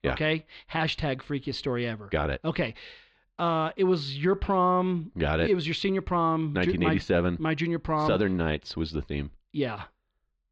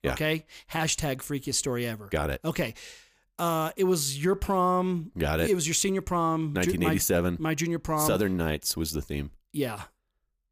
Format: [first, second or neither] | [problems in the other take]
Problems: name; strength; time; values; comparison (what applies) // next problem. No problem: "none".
second | muffled; slightly; fading above 4 kHz